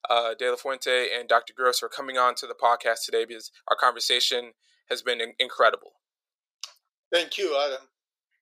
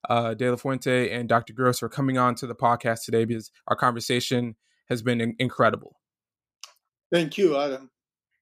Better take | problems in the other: second | thin; very; fading below 500 Hz

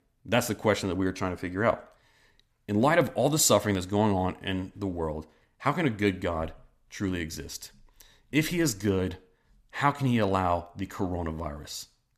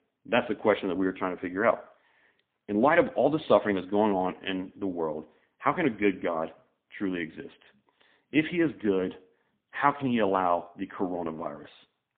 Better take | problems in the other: first | phone-call audio; poor line

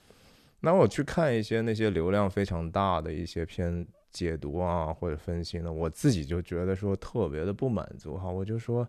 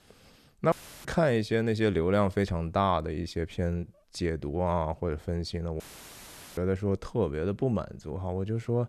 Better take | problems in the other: first | audio cutting out; filled with static; at 0.5 s and at 6 s for 1 s

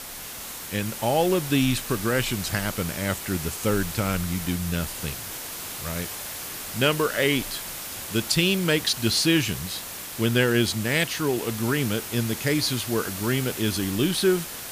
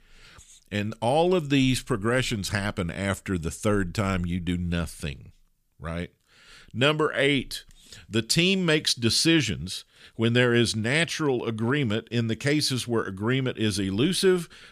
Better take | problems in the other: second | hiss; loud; throughout; 8 dB below the speech

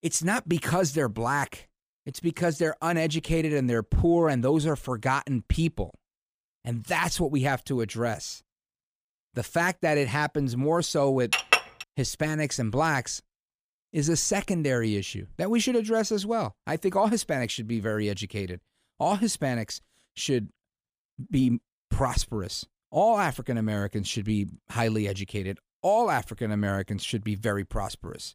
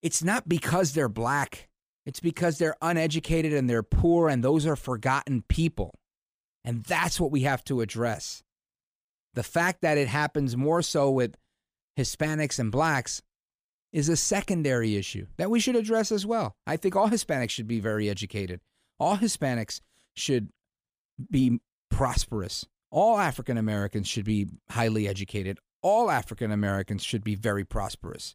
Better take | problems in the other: second | clattering dishes; loud; at 11 s; peak 5 dB above the speech

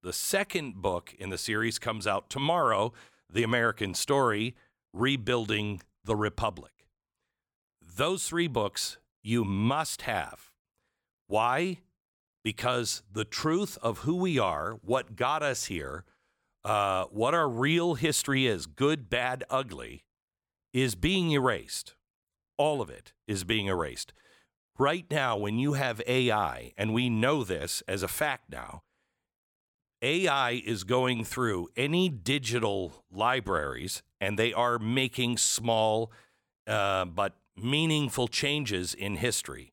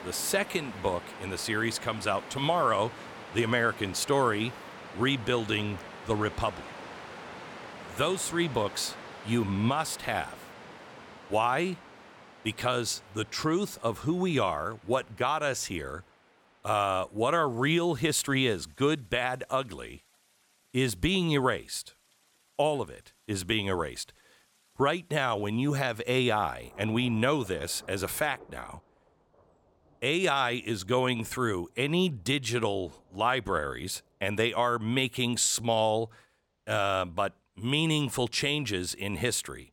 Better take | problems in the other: first | rain or running water; noticeable; throughout; 15 dB below the speech

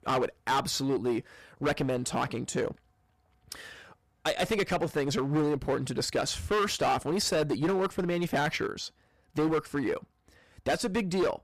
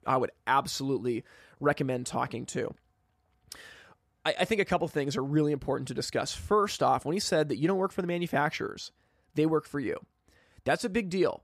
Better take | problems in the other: second | distortion; heavy; 11% of the sound clipped

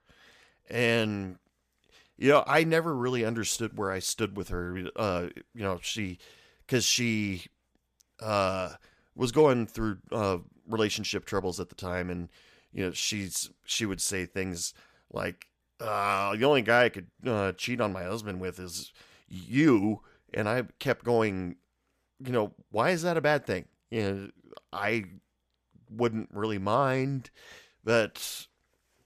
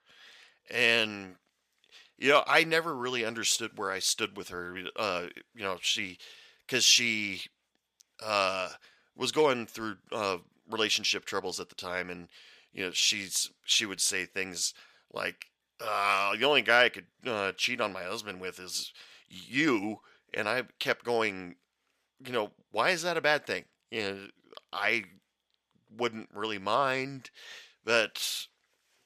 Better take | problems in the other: first | thin; somewhat; fading below 1 kHz

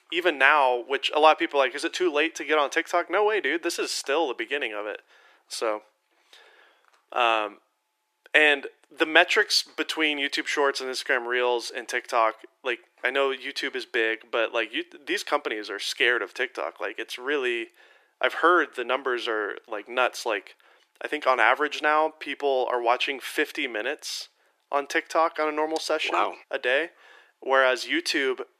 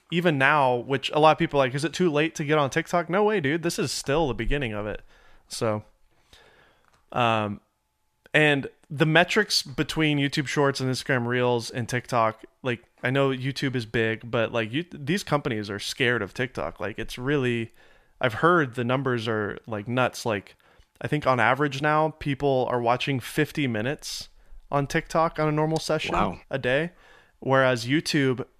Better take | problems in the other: second | thin; very; fading below 350 Hz

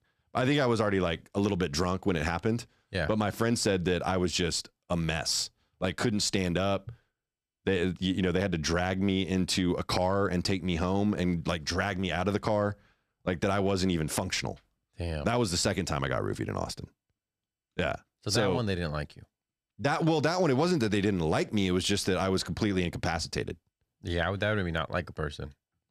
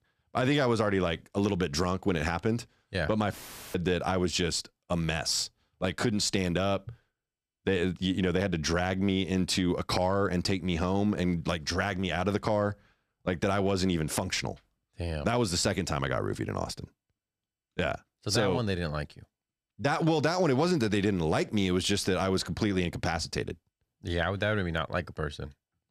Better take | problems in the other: first | audio cutting out; filled with static; at 3.5 s

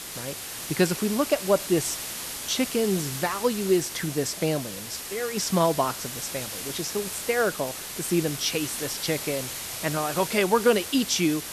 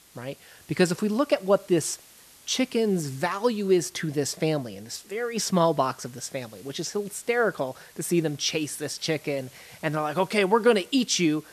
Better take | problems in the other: second | hiss; loud; throughout; 6 dB below the speech; faint in the second

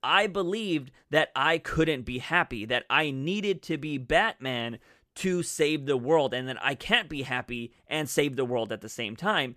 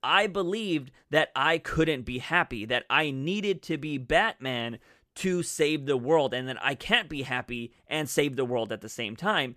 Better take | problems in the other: neither | none

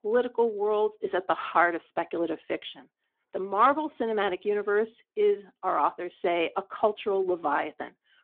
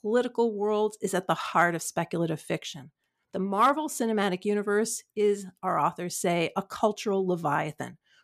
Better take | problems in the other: second | phone-call audio

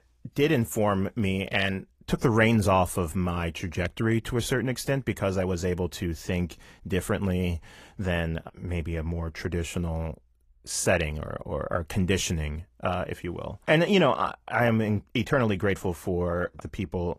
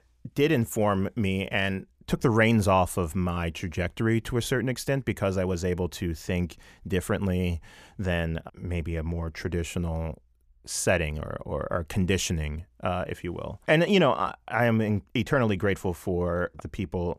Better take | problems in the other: second | garbled, watery; slightly; nothing above 14.5 kHz

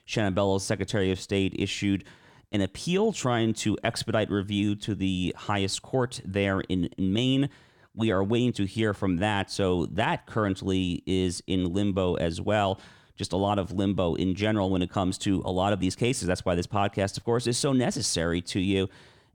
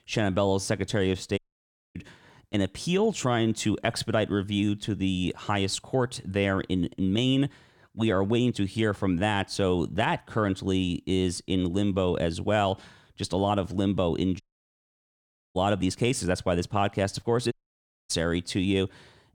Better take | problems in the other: first | audio cutting out; at 1.5 s for 0.5 s, at 14 s for 1 s and at 18 s for 0.5 s

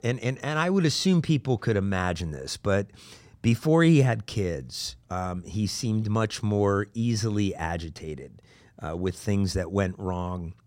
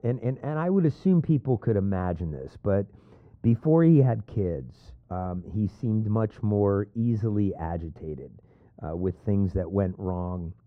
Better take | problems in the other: first | muffled; very; fading above 2 kHz

